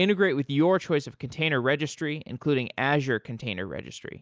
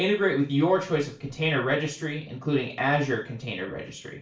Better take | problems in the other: first | room echo; dies away in 0.4 s

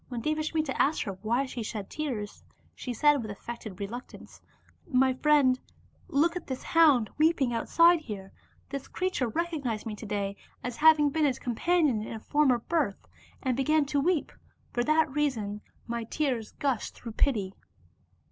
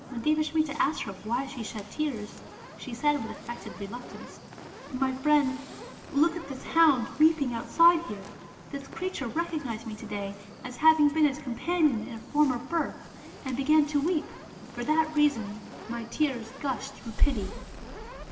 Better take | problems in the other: first | background sound (Fire); 16 dB below the speech // room echo; dies away in 1.9 s

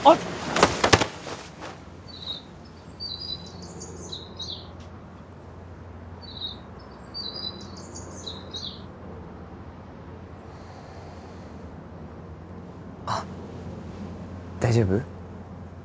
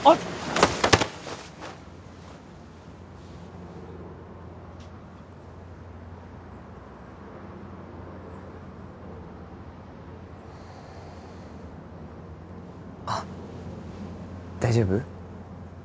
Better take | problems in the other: second | background sound (Chirp, tweet); 10 dB below the speech

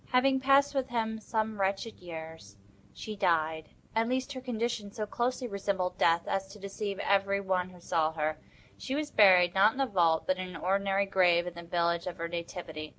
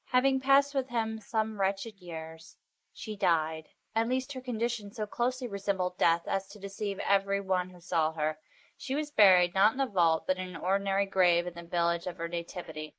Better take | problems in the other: first | noise reduction (neural mask model Resemble Enhance denoiser)

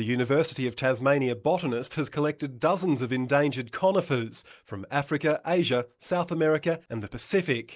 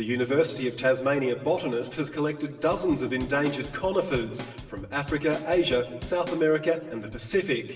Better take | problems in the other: first | background sound (Drum / Drum kit); 15 dB below the speech // room echo; dies away in 1.3 s

